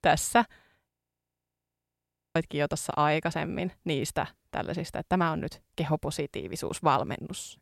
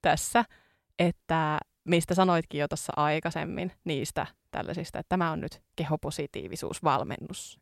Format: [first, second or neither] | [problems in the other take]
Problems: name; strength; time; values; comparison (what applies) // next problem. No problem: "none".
second | audio freezing; at 1 s for 1.5 s